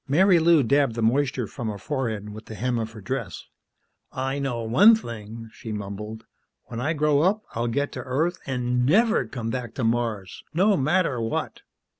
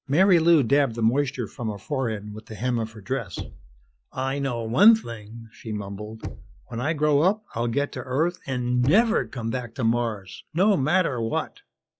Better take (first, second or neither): first